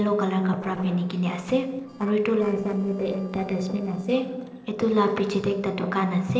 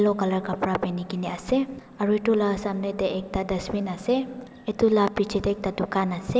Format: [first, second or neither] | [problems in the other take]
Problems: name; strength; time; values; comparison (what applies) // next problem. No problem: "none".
second | noise reduction (neural separator model SepFormer DNS4)